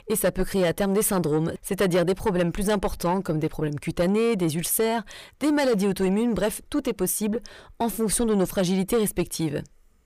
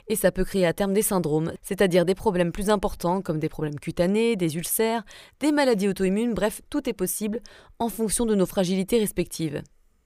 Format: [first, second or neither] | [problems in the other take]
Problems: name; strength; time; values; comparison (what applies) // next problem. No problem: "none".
second | distortion; slight; 10 dB below the speech